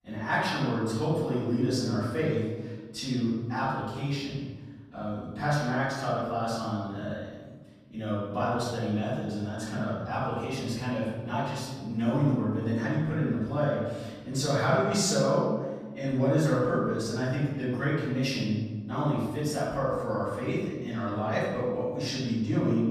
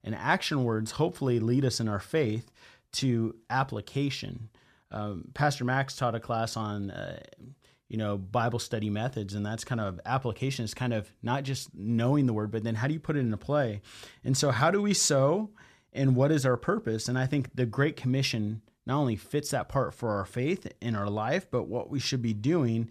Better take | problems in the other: second | room echo; noticeable; dies away in 1.2 s // off-mic speech; far

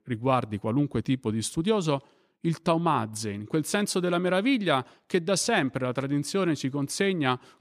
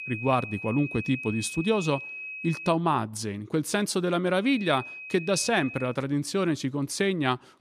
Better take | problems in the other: first | high-pitched whine; loud; until 2.5 s and from 4.5 to 6 s; 2.5 kHz, 10 dB below the speech

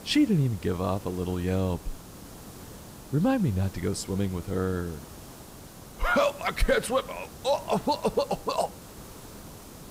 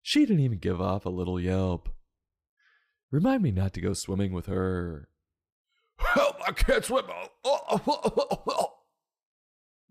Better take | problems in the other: second | hiss; noticeable; throughout; 15 dB below the speech

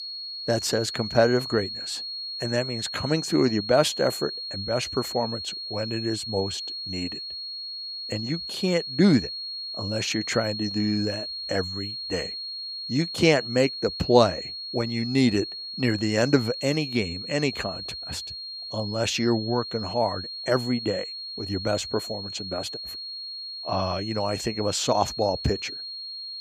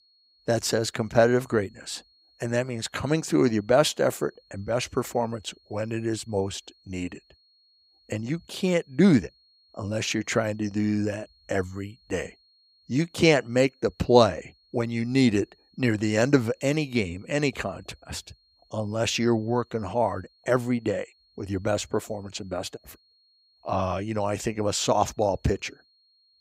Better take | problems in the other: second | high-pitched whine; loud; throughout; 4.5 kHz, 6 dB below the speech; faint in the second

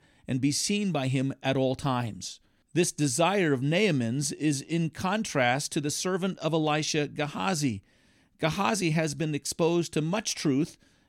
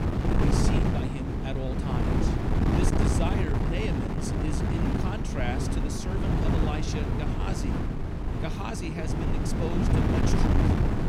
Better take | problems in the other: first | wind noise on the microphone; heavy; 4 dB above the speech

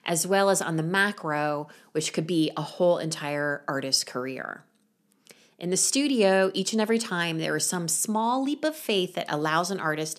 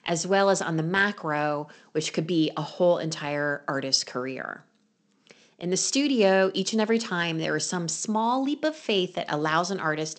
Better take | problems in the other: first | garbled, watery; slightly; nothing above 8 kHz

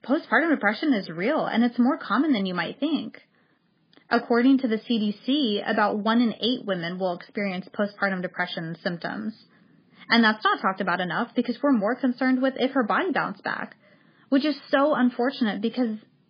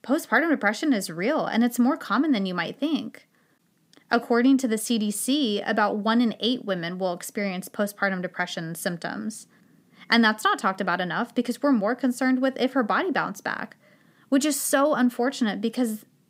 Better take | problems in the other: second | garbled, watery; badly

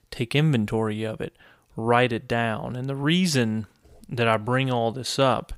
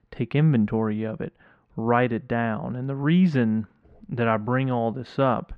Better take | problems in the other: first | muffled; very; fading above 1.5 kHz

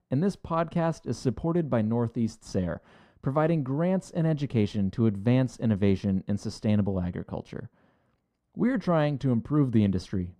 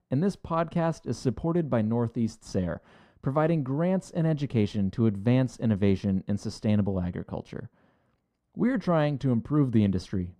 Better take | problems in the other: neither | muffled; very; fading above 2 kHz; the same in both

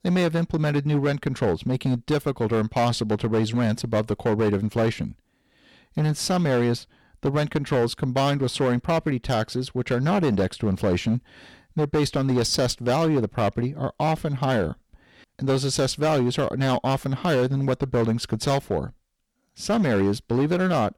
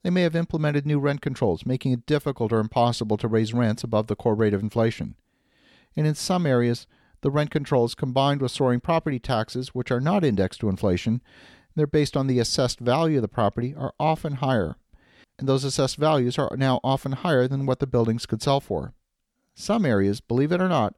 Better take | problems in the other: second | distortion; slight; 11% of the sound clipped

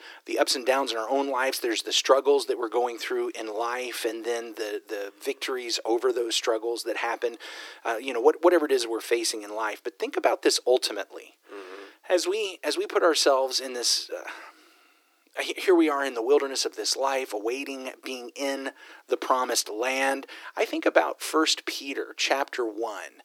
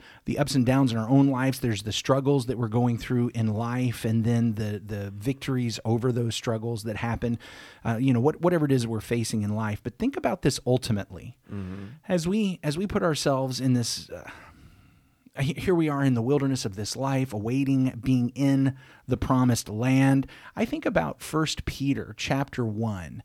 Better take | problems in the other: second | thin; very; fading below 300 Hz

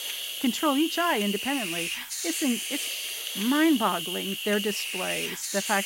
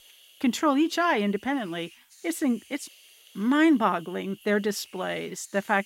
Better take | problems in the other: second | hiss; loud; throughout; 2 dB below the speech; faint in the second

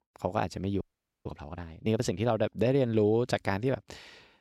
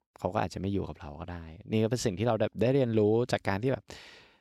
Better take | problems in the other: second | audio freezing; at 1 s

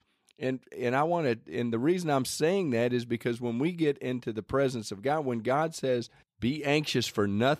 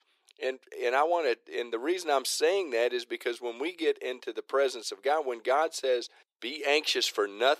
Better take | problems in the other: first | thin; very; fading below 350 Hz

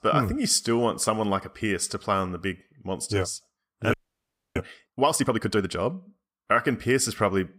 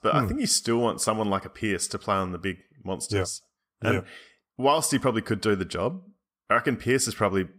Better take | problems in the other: second | audio freezing; at 4 s for 0.5 s

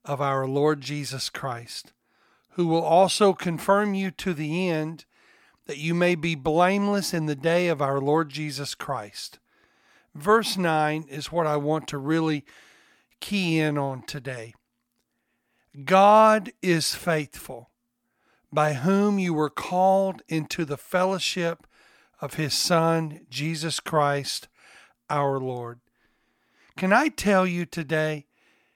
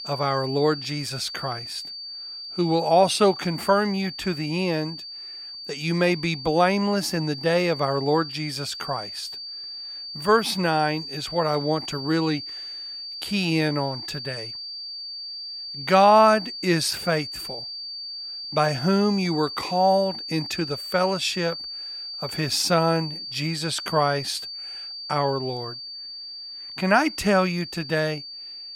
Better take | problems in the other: first | high-pitched whine; loud; throughout; 4.5 kHz, 9 dB below the speech

